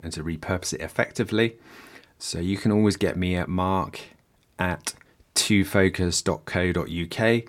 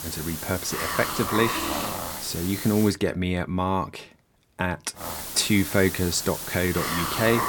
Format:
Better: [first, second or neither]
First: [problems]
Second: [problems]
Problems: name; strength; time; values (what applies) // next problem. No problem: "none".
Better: first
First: none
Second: hiss; loud; until 3 s and from 5 s on; 4 dB below the speech